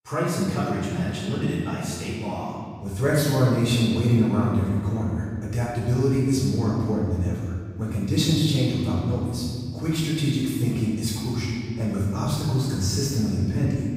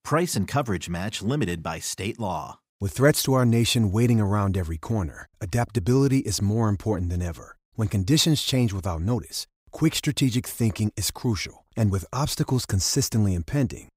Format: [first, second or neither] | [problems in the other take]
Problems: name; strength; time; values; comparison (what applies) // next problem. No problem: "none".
second | off-mic speech; far // room echo; strong; dies away in 2.3 s